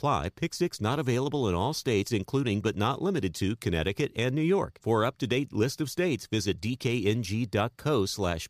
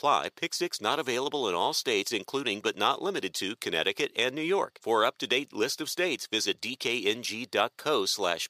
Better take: first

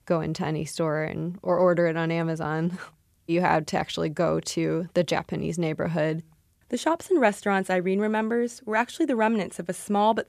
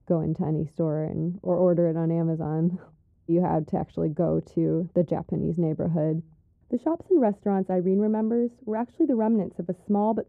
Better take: first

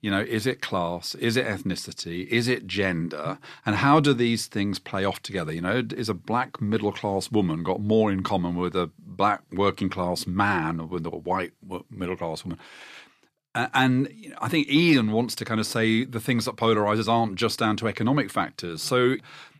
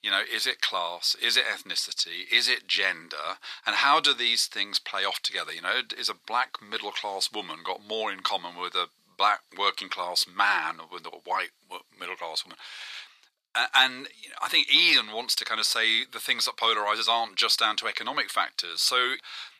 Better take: first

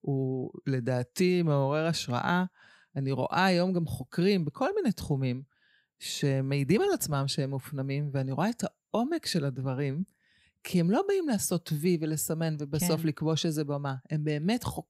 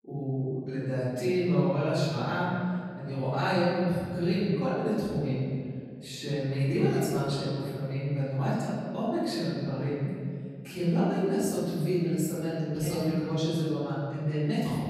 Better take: first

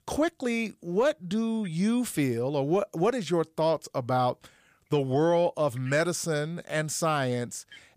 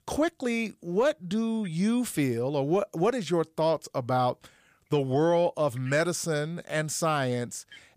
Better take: neither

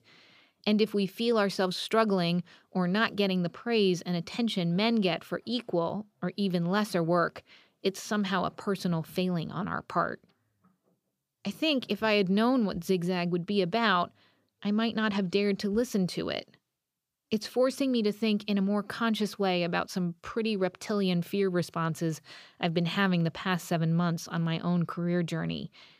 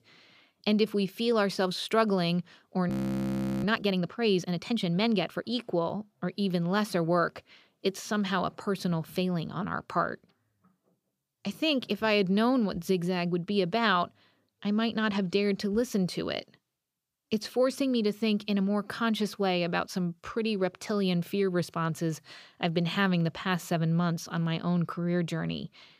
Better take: first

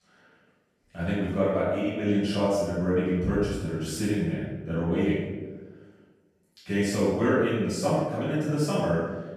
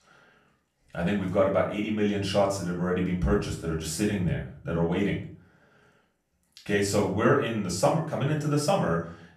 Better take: second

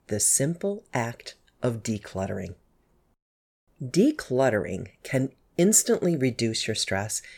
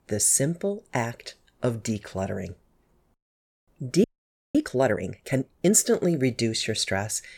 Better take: first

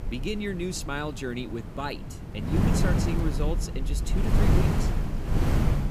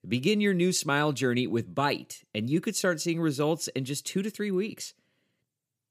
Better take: second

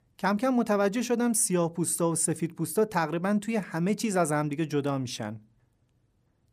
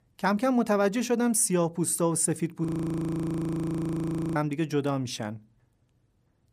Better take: first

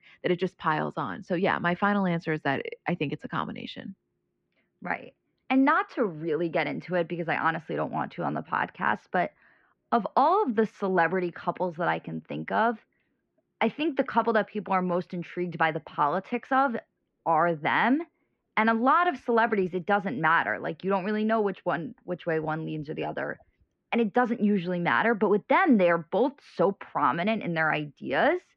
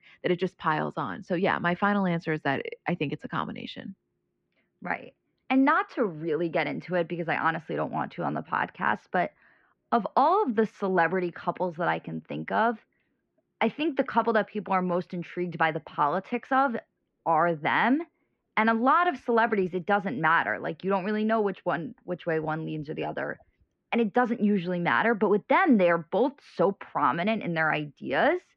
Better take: neither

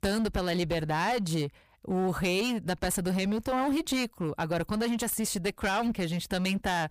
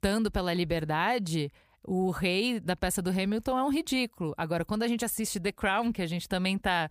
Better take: second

